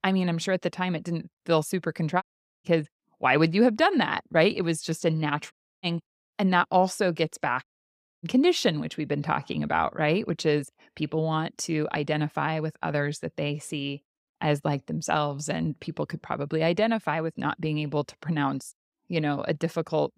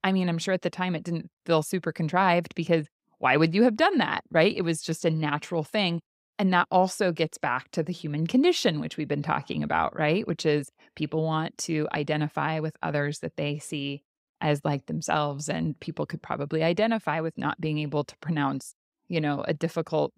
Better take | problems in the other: second | audio cutting out; at 2 s, at 5.5 s and at 7.5 s for 0.5 s

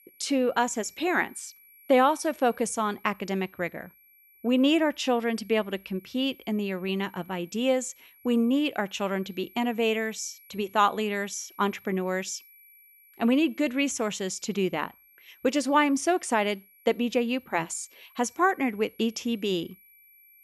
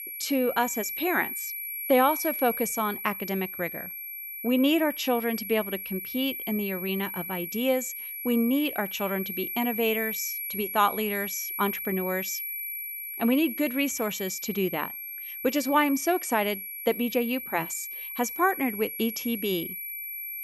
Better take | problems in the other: first | high-pitched whine; loud; throughout; 11.5 kHz, 5 dB below the speech; faint in the first

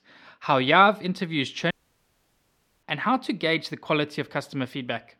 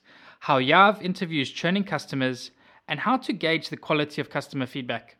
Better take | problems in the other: second | audio cutting out; at 1.5 s for 1 s

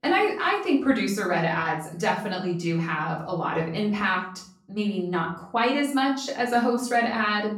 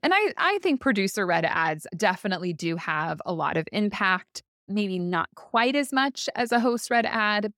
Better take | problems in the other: second | room echo; slight; dies away in 0.5 s // off-mic speech; far

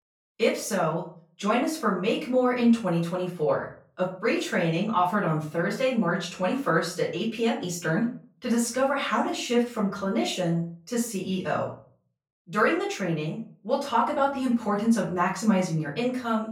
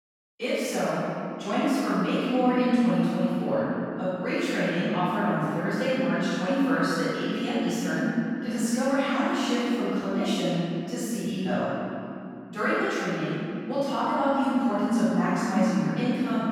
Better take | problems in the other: first | room echo; strong; dies away in 2.9 s; slight in the first // off-mic speech; far; far in the first

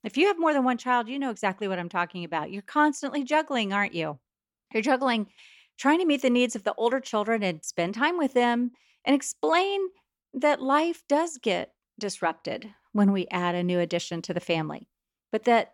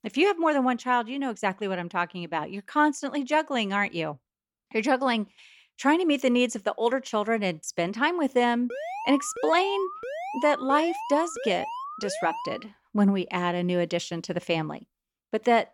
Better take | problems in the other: first | alarm; noticeable; from 8.5 to 13 s; peak 7 dB below the speech

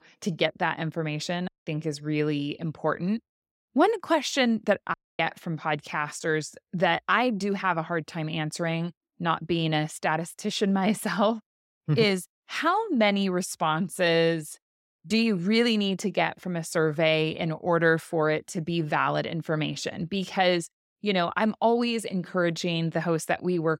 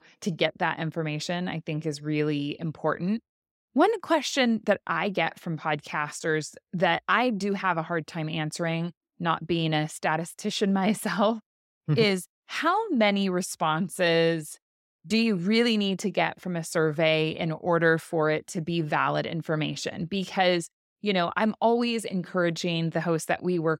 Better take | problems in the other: second | audio cutting out; at 1.5 s and at 5 s

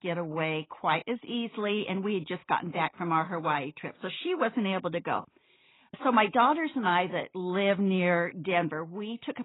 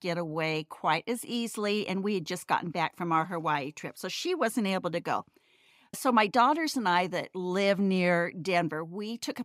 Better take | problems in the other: second | garbled, watery; badly; nothing above 4 kHz

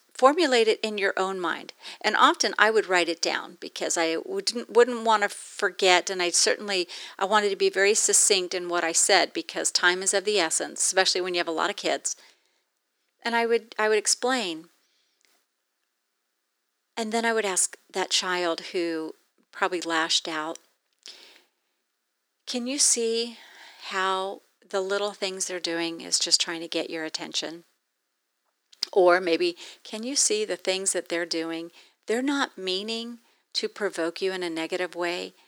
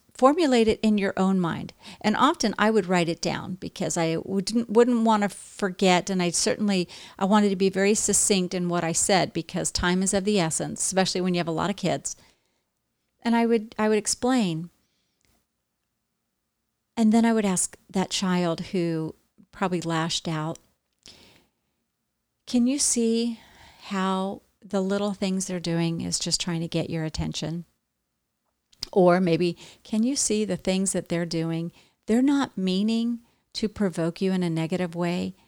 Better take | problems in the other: second | thin; somewhat; fading below 350 Hz

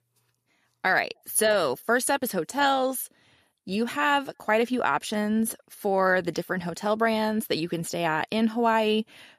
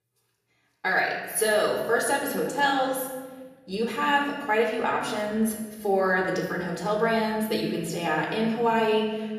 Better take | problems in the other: first | off-mic speech; far // room echo; noticeable; dies away in 1.3 s

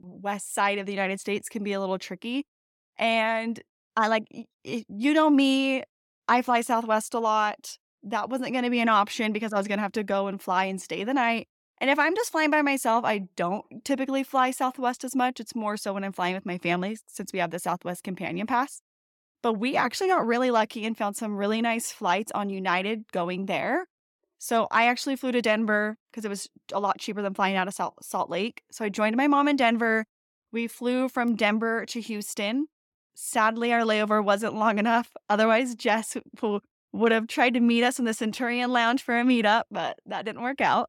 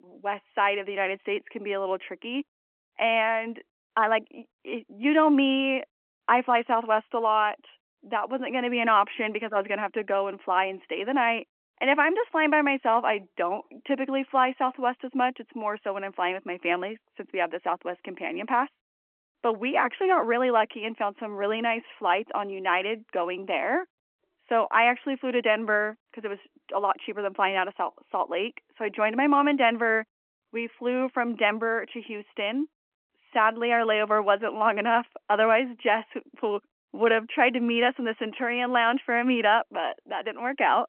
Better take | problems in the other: first | phone-call audio; nothing above 3 kHz

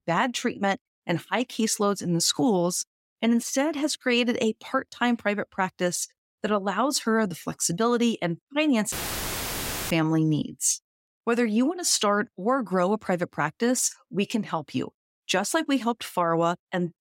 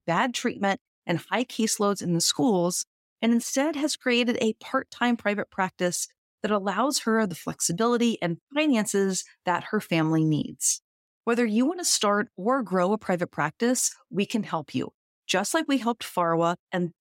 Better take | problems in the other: second | audio cutting out; filled with static; at 9 s for 1 s

